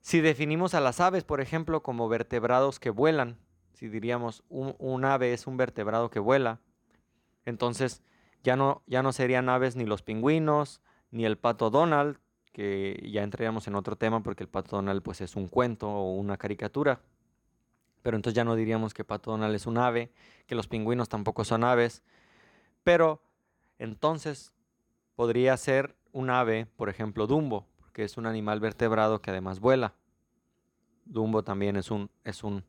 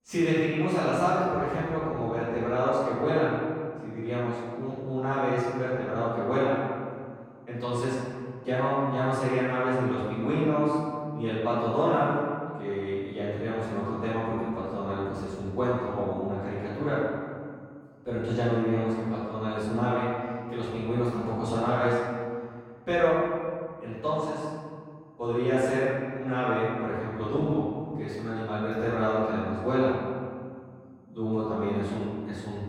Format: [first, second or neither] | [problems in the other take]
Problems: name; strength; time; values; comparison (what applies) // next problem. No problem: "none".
first | room echo; strong; dies away in 1.9 s // off-mic speech; far